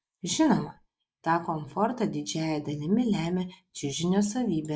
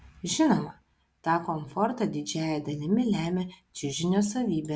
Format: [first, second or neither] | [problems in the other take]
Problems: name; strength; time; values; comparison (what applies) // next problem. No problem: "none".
second | noise reduction (neural mask model Resemble Enhance denoiser)